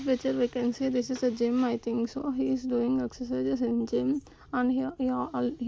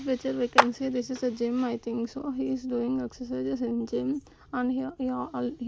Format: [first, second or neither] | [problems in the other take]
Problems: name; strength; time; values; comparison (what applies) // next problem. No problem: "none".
first | background sound (Clapping); 1 dB above the speech